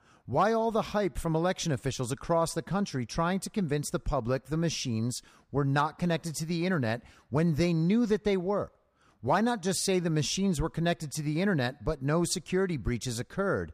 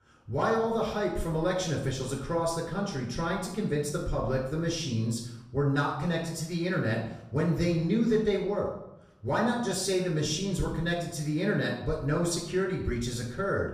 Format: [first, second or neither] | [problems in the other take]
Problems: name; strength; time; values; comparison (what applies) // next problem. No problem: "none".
first | off-mic speech; far // room echo; noticeable; dies away in 0.6 s